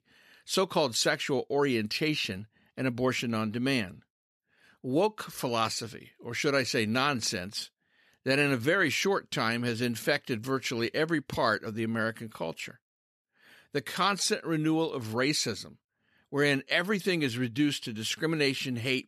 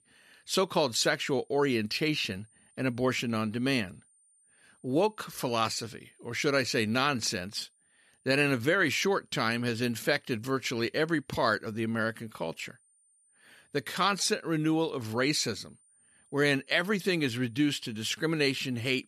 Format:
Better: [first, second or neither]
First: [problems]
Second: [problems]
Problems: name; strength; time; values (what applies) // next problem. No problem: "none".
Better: first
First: none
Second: high-pitched whine; faint; throughout; 9 kHz, 35 dB below the speech